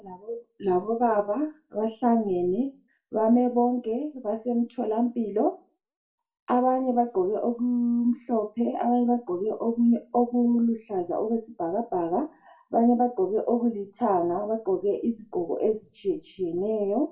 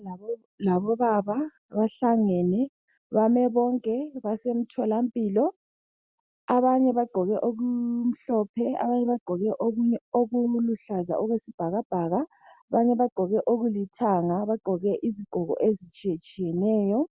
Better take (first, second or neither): second